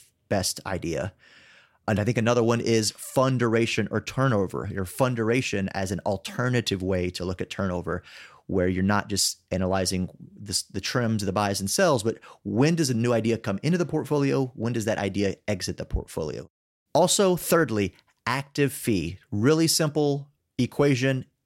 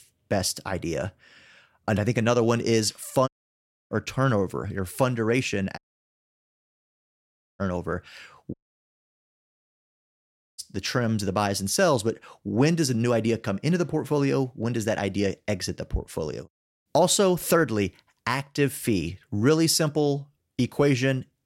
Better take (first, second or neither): first